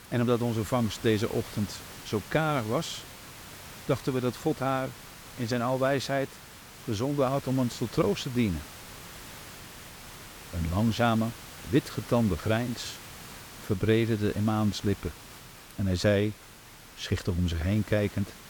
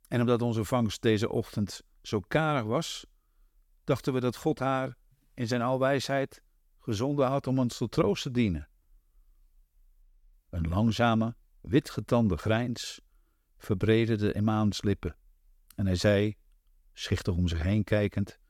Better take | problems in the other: second | hiss; noticeable; throughout; 15 dB below the speech

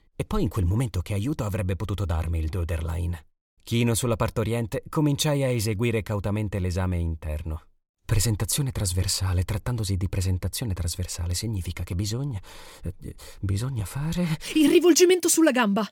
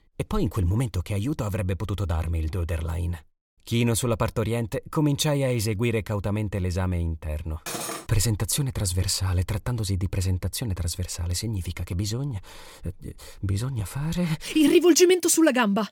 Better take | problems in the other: first | clattering dishes; noticeable; at 7.5 s; peak 6 dB below the speech

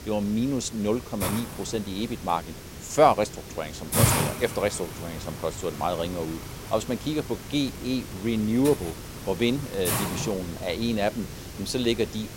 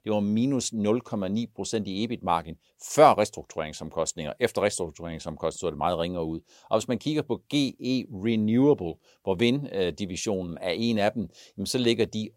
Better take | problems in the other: second | hiss; loud; throughout; 5 dB below the speech

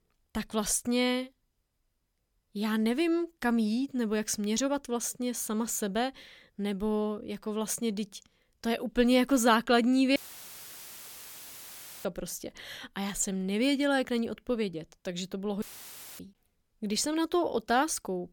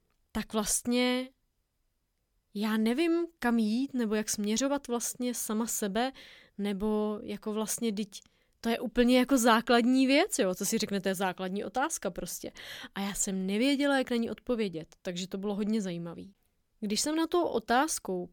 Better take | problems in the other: second | audio cutting out; filled with static; at 10 s for 2 s and at 16 s for 0.5 s

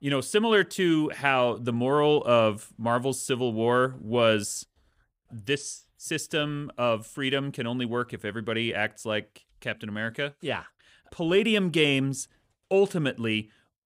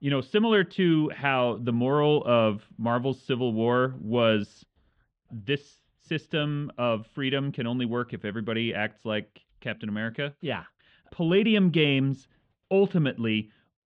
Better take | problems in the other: first | muffled; very; fading above 3.5 kHz

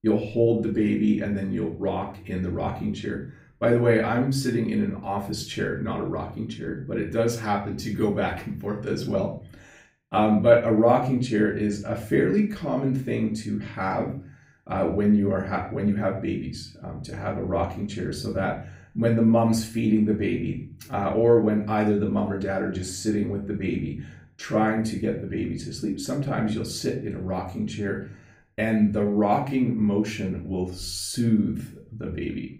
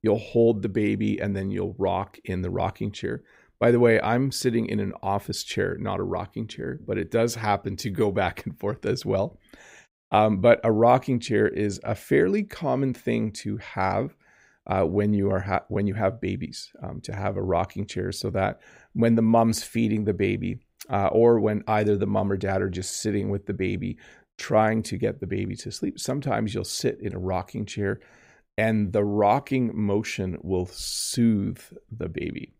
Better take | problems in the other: second | off-mic speech; far // room echo; slight; dies away in 0.4 s

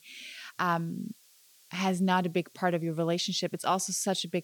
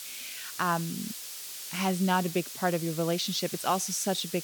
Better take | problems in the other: first | hiss; loud; throughout; 8 dB below the speech; faint in the first

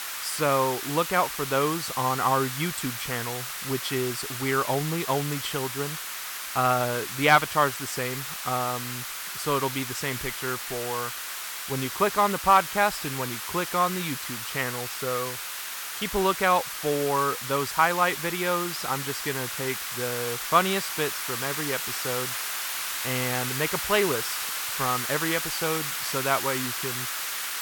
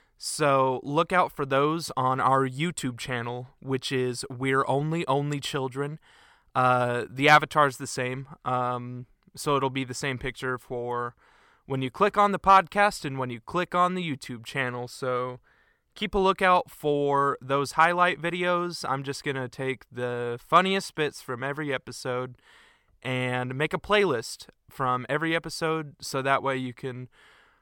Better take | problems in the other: second | hiss; loud; throughout; 4 dB below the speech

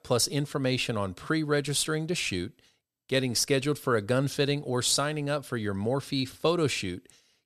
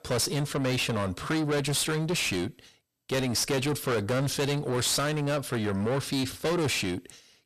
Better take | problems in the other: first | distortion; heavy; 6 dB below the speech

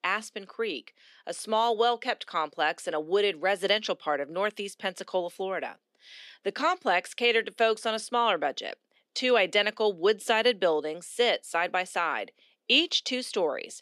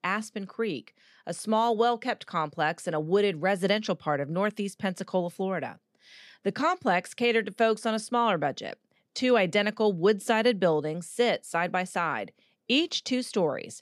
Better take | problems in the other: second | thin; somewhat; fading below 300 Hz

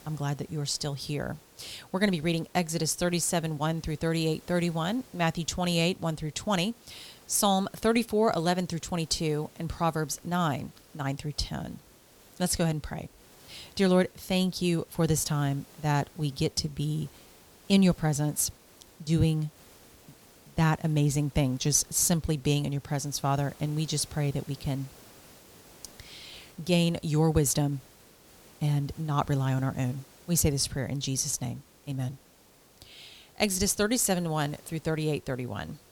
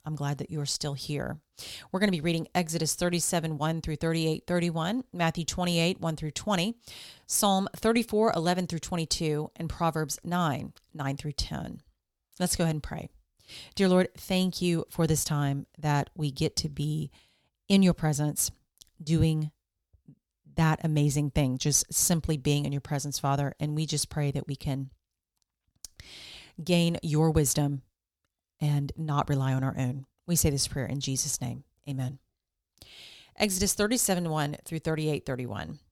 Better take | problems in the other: second | hiss; faint; throughout; 25 dB below the speech

